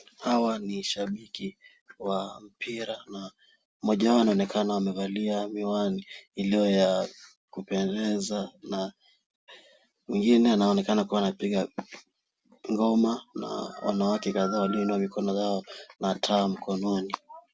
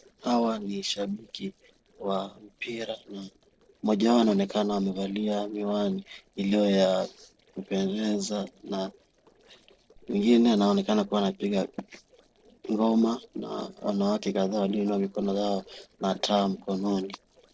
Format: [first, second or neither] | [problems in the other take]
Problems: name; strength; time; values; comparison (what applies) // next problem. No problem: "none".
first | noise reduction (neural separator model SepFormer DNS4)